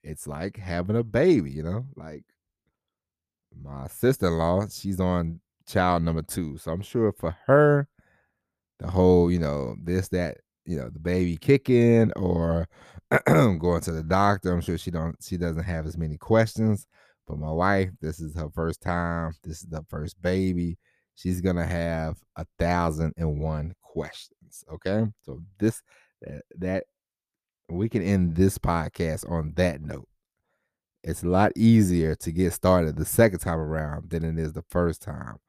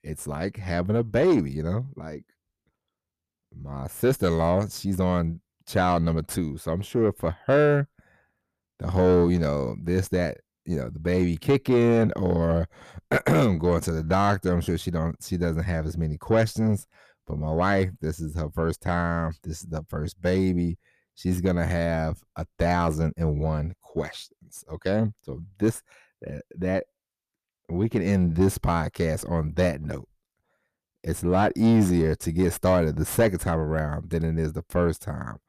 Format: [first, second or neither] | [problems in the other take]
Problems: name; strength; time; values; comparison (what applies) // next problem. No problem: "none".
first | distortion; slight; 10 dB below the speech